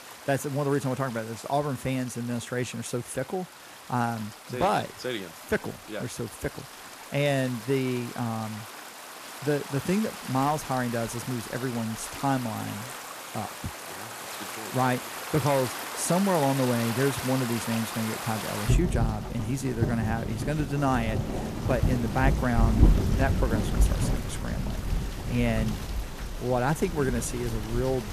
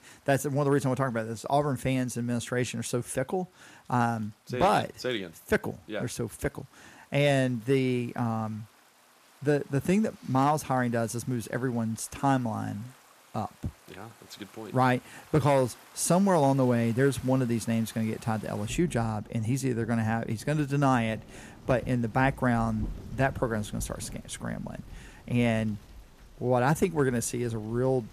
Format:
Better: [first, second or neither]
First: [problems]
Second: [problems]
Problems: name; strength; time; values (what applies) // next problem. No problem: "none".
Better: second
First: rain or running water; loud; throughout; 3 dB below the speech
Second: rain or running water; faint; throughout; 20 dB below the speech